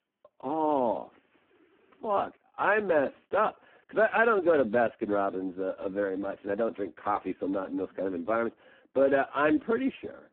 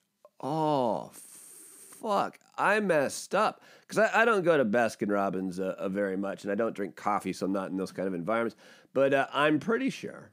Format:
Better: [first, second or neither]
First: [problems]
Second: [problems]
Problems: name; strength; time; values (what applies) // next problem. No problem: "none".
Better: second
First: phone-call audio; poor line; nothing above 3.5 kHz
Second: none